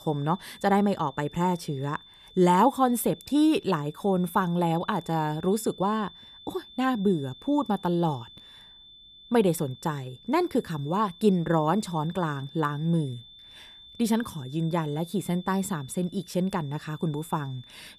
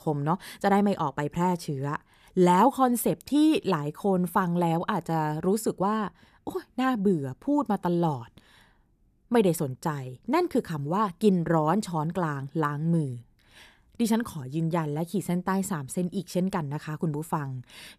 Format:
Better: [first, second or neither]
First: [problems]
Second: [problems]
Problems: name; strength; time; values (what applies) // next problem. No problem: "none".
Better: second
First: high-pitched whine; faint; throughout; 3.5 kHz, 20 dB below the speech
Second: none